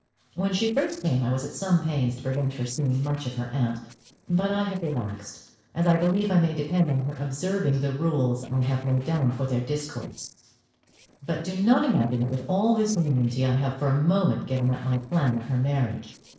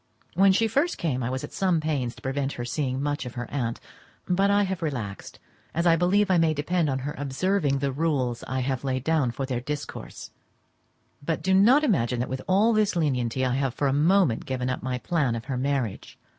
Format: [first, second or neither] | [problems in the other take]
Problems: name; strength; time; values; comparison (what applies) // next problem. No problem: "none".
second | noise reduction (neural separator model SepFormer DNS4)